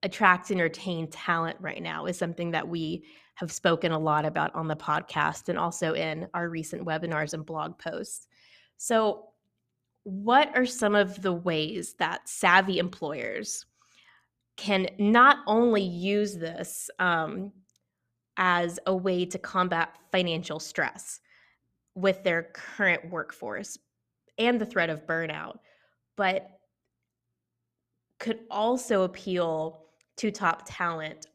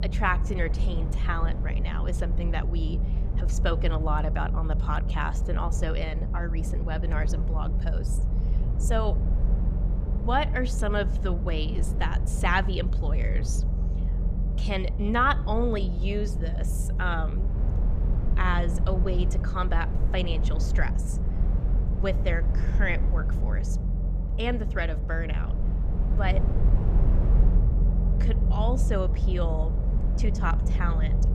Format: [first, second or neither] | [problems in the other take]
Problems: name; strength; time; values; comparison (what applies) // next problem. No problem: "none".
first | low rumble; noticeable; throughout; 10 dB below the speech